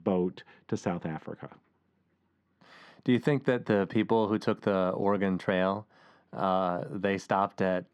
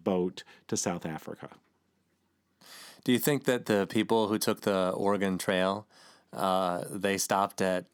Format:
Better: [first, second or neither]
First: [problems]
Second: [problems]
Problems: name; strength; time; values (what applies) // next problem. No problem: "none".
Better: second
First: muffled; slightly; fading above 2.5 kHz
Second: none